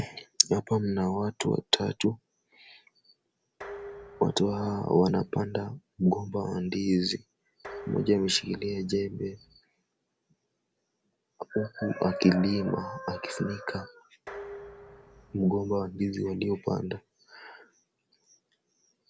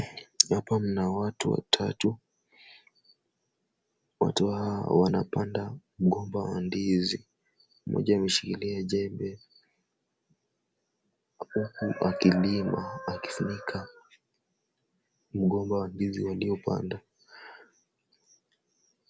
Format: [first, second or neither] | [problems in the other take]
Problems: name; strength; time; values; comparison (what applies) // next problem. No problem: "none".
second | background sound (Dishes, pots, and pans); 18 dB below the speech